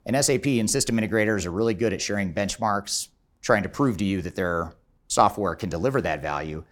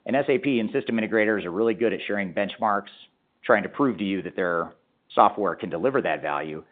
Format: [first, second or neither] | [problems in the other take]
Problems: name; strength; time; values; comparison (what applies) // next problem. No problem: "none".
first | phone-call audio; nothing above 3.5 kHz